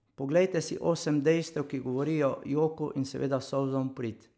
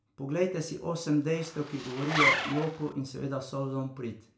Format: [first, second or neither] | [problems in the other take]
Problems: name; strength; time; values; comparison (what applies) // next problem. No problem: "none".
first | background sound (Zipper (clothing)); 1 dB above the speech // room echo; dies away in 0.3 s